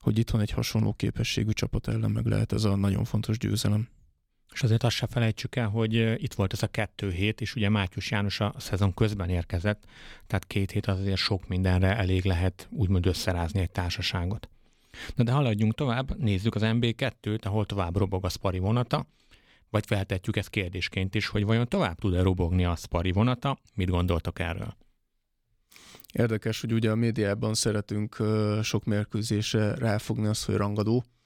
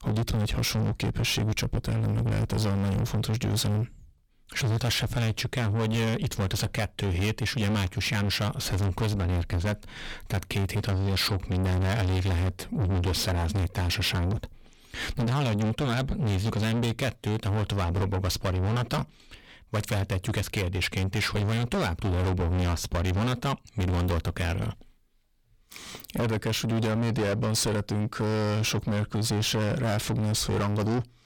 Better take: first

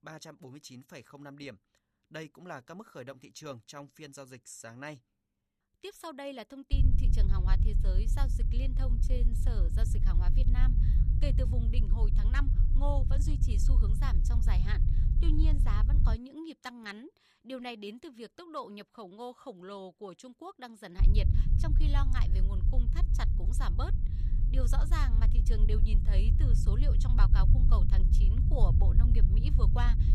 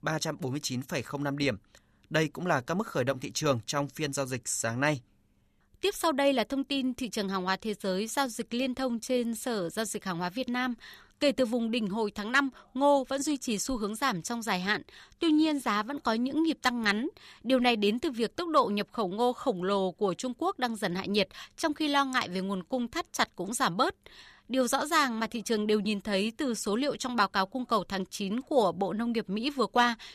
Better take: second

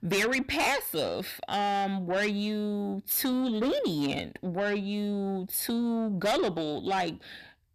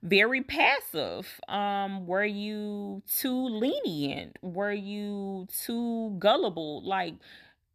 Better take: second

